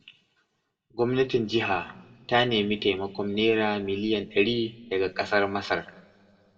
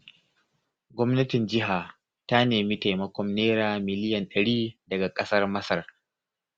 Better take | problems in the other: second | room echo; dies away in 1.7 s

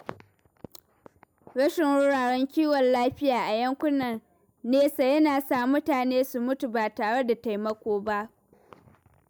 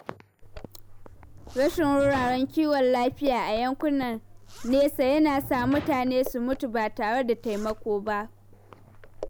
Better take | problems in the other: first | background sound (Sliding door + Zipper (clothing)); 14 dB below the speech

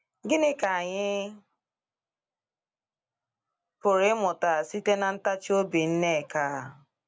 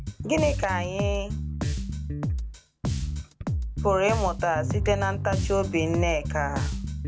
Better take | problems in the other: first | background sound (Bowed string instrument + Bass guitar); as loud as the speech

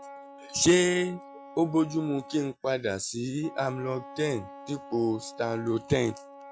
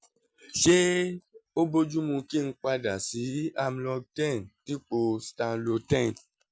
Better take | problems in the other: second | background sound (Wind instrument, woodwind instrument); 17 dB below the speech

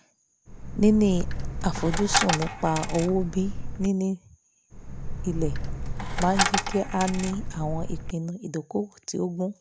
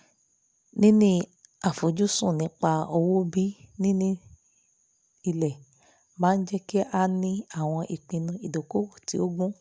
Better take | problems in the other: second | background sound (Coin (dropping)); 1 dB below the speech

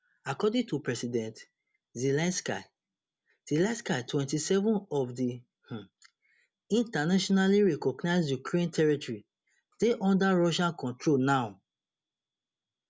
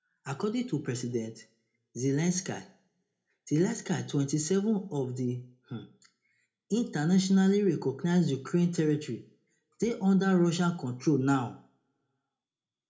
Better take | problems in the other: first | room echo; dies away in 0.3 s

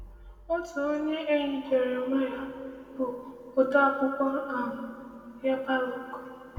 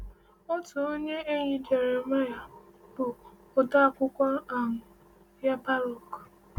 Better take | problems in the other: second | room echo; dies away in 2 s

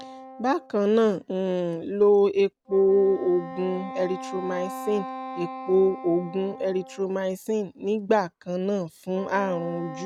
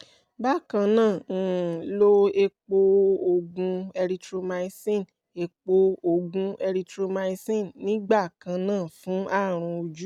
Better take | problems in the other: second | background sound (Wind instrument, woodwind instrument); 14 dB below the speech

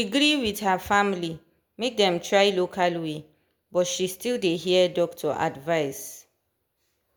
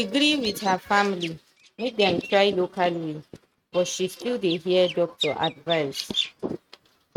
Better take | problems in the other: first | noise reduction (neural mask model RNNoise)

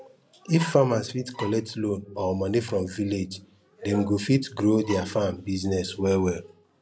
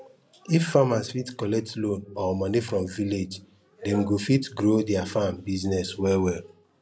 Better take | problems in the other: second | background sound (Bowed string instrument); 15 dB below the speech

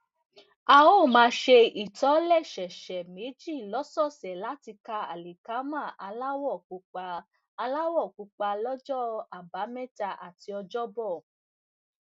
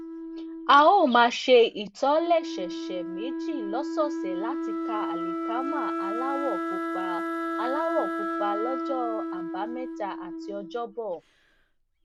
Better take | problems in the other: first | background sound (Wind instrument, woodwind instrument); 5 dB below the speech

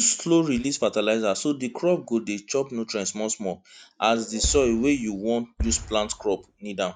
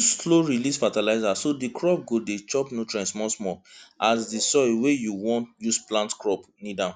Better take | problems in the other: second | noise reduction (neural mask model DeepFilterNet 3)

